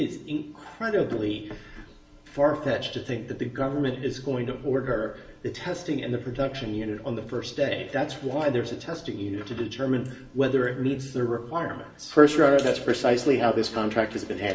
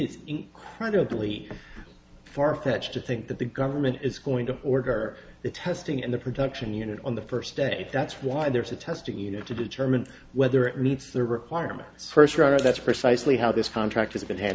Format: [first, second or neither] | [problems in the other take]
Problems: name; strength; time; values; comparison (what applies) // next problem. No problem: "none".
second | room echo; dies away in 0.7 s